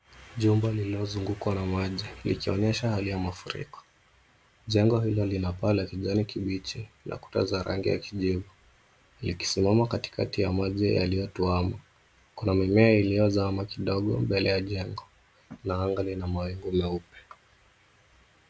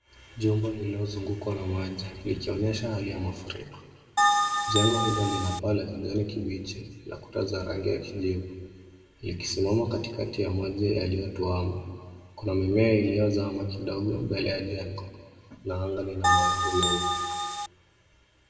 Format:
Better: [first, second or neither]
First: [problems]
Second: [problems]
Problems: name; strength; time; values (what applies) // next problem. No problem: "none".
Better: first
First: none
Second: background sound (Bell); 4 dB above the speech // room echo; dies away in 1.6 s